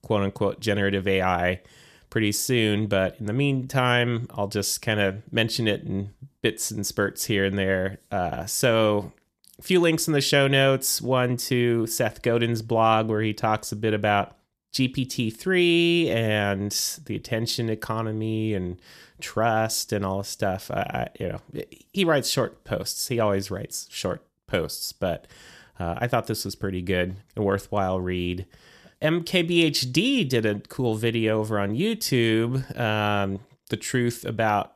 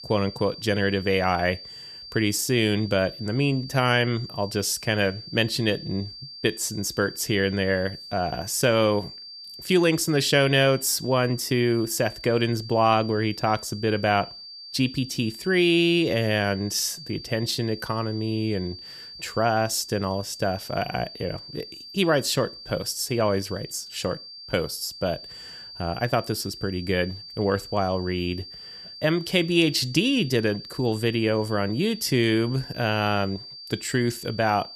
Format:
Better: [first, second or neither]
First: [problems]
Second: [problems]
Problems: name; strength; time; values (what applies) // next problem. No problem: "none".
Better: first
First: none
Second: high-pitched whine; noticeable; throughout; 4.5 kHz, 15 dB below the speech